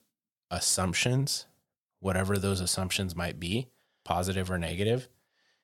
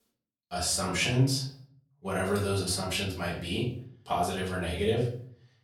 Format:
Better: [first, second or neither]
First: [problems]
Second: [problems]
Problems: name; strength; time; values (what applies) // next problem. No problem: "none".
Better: first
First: none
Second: off-mic speech; far // room echo; slight; dies away in 0.5 s